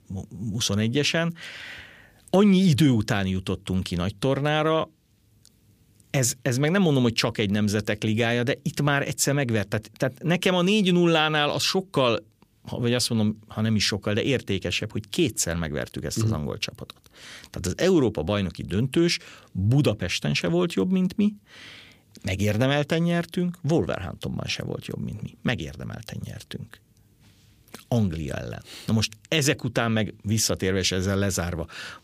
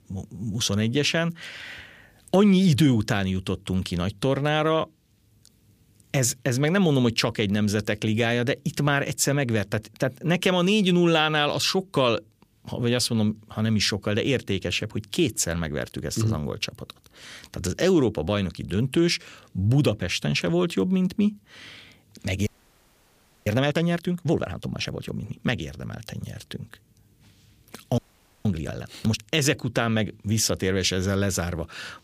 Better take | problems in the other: first | audio freezing; at 22 s for 1 s and at 28 s

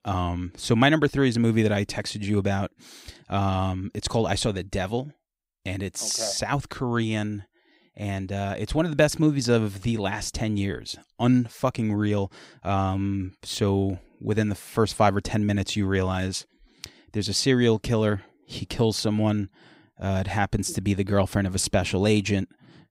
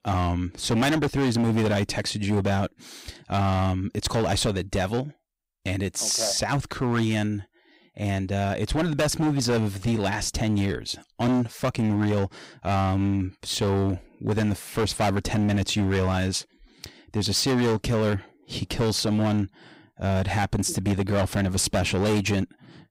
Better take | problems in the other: first | distortion; heavy; 15% of the sound clipped

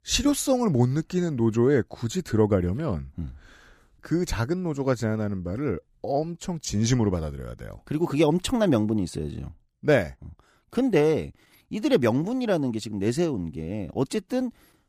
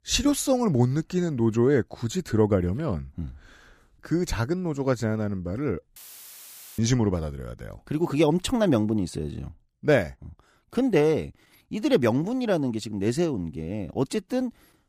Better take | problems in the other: first | audio cutting out; filled with static; at 6 s for 1 s

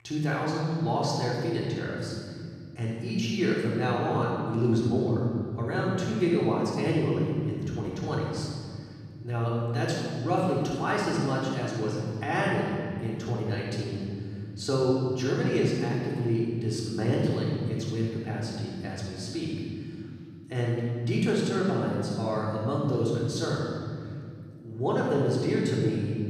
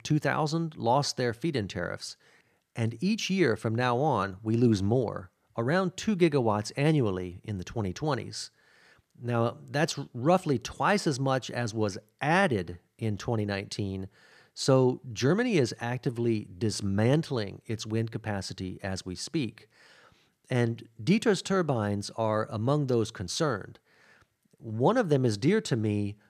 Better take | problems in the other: second | off-mic speech; far // room echo; strong; dies away in 2.6 s

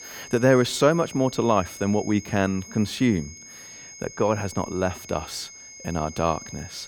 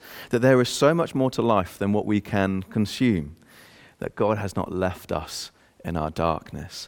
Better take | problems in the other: second | high-pitched whine; noticeable; throughout; 6.5 kHz, 15 dB below the speech

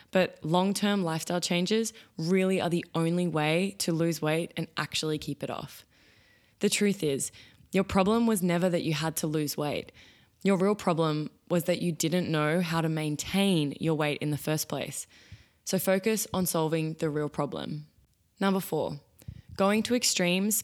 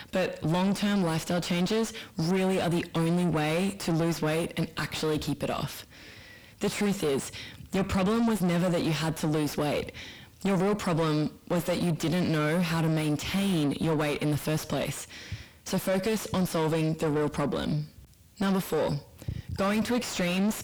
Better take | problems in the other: first | distortion; heavy; 5 dB below the speech

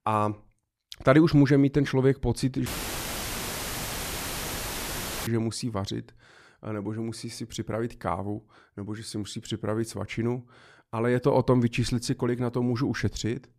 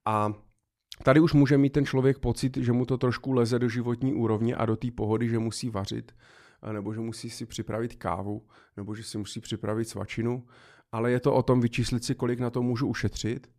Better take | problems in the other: second | audio cutting out; filled with static; at 2.5 s for 2.5 s

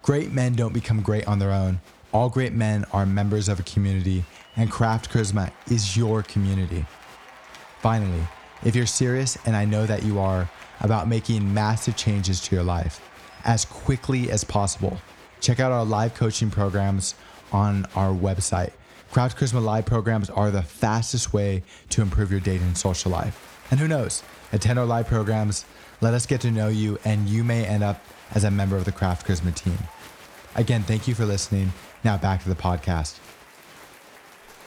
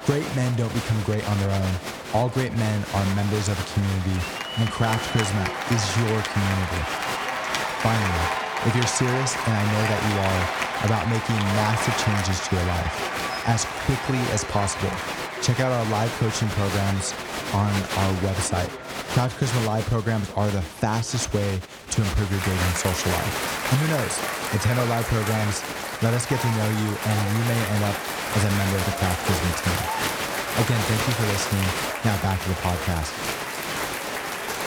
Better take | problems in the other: first | crowd noise; loud; throughout; 2 dB below the speech; faint in the first

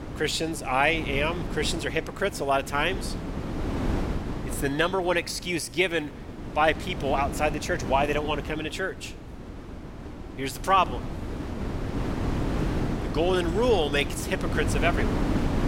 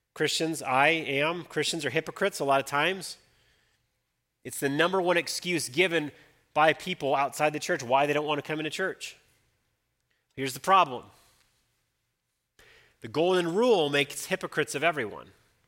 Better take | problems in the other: second | wind noise on the microphone; occasional gusts; 10 dB below the speech

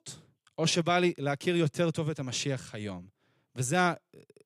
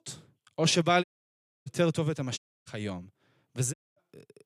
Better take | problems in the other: first | audio cutting out; at 1 s for 0.5 s, at 2.5 s and at 3.5 s

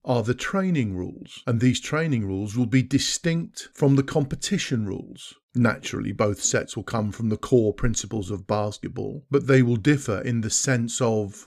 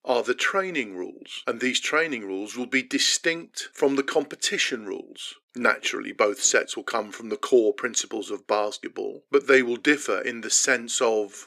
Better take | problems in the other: first | thin; somewhat; fading below 350 Hz

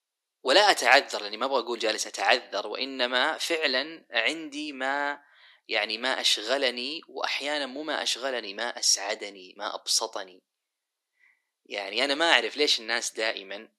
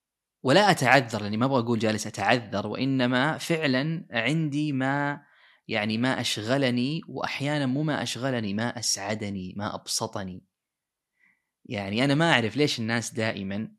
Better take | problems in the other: second | thin; very; fading below 350 Hz

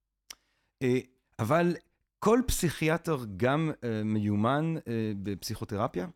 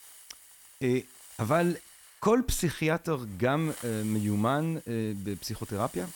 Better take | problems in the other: first | hiss; noticeable; throughout; 15 dB below the speech

